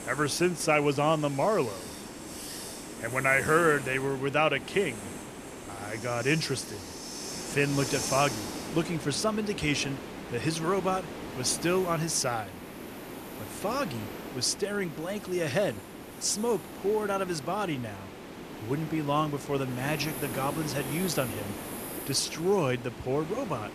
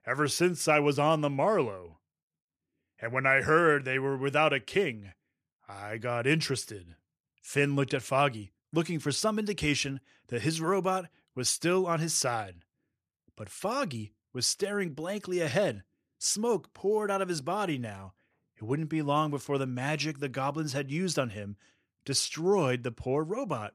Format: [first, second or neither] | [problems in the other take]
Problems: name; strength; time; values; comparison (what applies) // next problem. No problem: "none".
second | hiss; loud; throughout; 10 dB below the speech